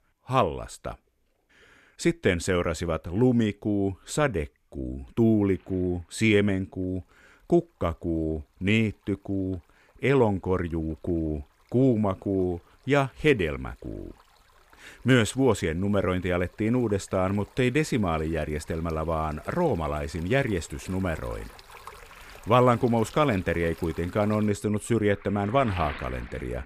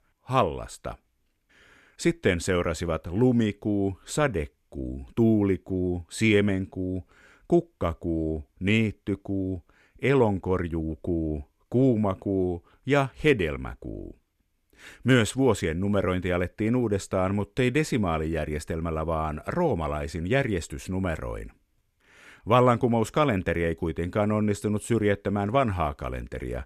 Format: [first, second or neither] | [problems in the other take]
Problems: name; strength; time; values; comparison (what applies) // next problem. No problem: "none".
second | rain or running water; faint; throughout; 20 dB below the speech